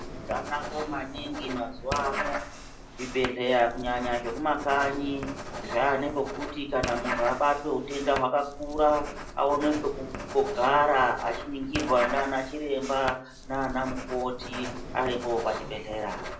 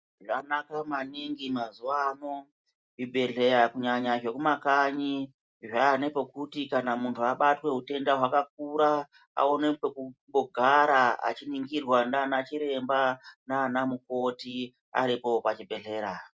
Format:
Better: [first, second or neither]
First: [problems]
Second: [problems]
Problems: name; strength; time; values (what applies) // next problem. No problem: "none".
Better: second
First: background sound (Writing); 8 dB below the speech // room echo; dies away in 0.4 s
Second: none